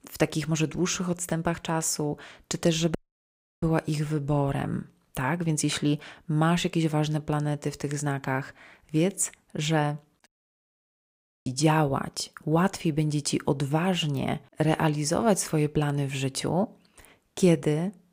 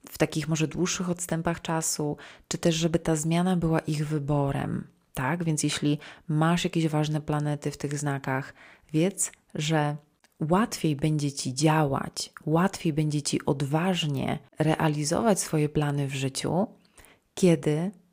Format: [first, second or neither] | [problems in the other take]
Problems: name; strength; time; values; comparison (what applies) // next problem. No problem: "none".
second | audio cutting out; at 3 s for 0.5 s and at 10 s for 1 s